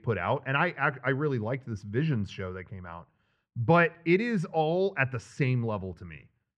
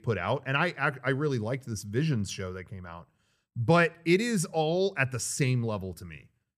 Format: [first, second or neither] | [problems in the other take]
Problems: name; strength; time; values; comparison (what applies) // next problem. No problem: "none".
second | muffled; very; fading above 2.5 kHz